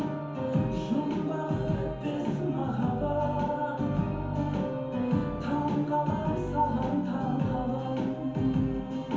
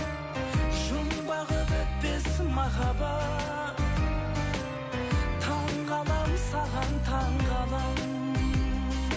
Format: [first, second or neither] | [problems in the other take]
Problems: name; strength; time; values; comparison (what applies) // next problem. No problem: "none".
second | room echo; dies away in 0.9 s